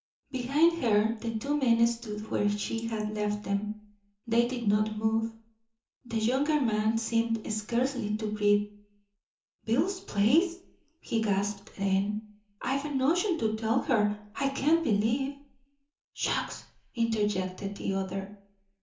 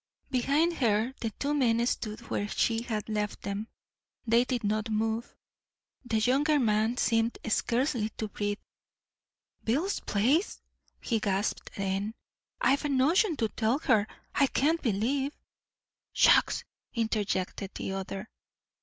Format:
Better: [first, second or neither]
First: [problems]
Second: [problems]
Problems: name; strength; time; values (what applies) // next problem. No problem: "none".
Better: second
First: room echo; dies away in 0.8 s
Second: none